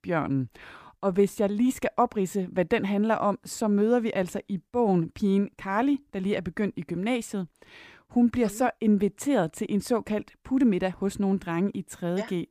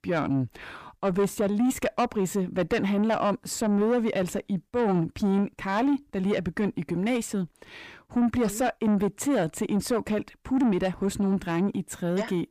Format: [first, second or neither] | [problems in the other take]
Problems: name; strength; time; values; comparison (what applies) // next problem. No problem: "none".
first | distortion; slight; 10 dB below the speech